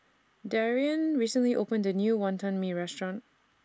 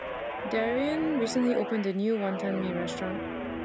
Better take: first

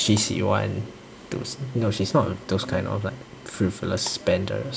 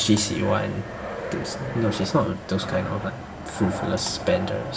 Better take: first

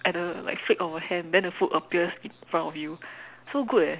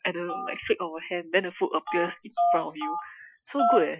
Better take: first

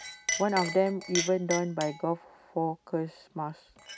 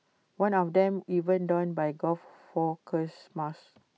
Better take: second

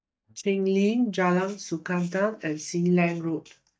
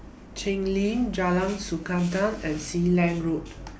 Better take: second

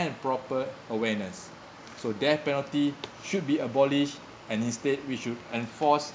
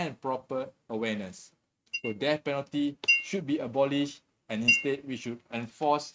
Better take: first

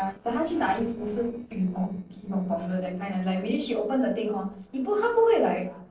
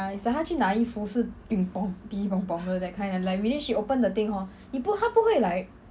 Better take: second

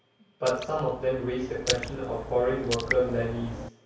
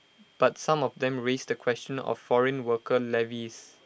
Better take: second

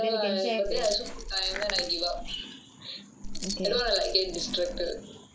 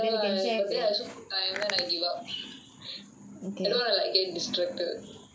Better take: second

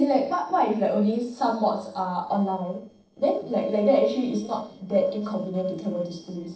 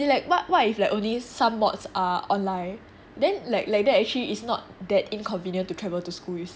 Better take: second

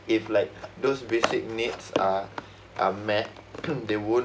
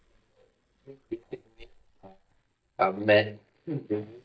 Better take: first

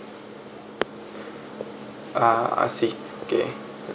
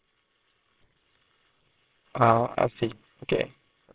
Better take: first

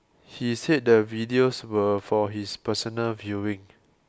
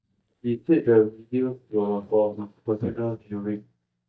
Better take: first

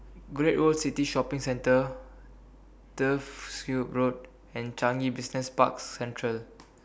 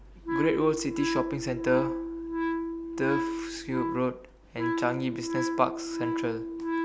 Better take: first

